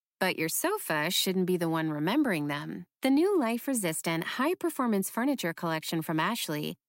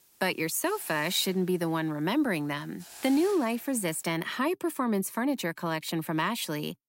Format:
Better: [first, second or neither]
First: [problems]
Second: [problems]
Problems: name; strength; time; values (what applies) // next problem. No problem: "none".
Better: first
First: none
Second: hiss; noticeable; until 4 s; 20 dB below the speech